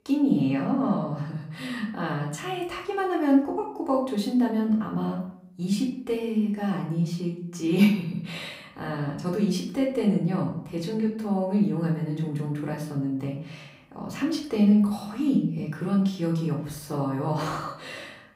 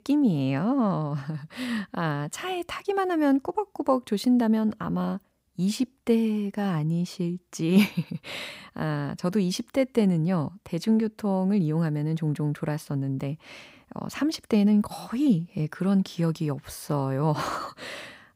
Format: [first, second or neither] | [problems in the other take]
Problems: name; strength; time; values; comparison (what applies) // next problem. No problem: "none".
second | room echo; slight; dies away in 0.5 s // off-mic speech; far